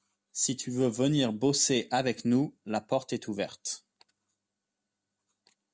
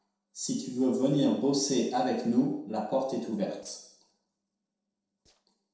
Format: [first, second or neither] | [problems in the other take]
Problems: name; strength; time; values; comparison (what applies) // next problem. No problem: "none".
first | noise reduction (neural separator model SepFormer DNS4)